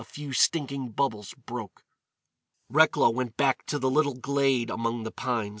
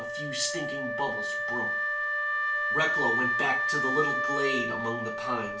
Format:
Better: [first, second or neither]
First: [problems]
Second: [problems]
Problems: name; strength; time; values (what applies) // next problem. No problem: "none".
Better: first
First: none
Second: background sound (Wind instrument, woodwind instrument); 4 dB above the speech // room echo; dies away in 0.4 s